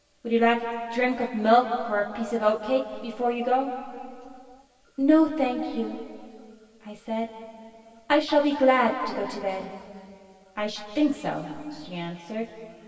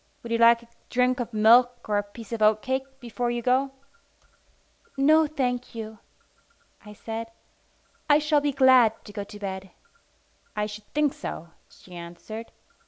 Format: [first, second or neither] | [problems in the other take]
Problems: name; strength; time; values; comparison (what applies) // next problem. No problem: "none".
second | room echo; dies away in 2.6 s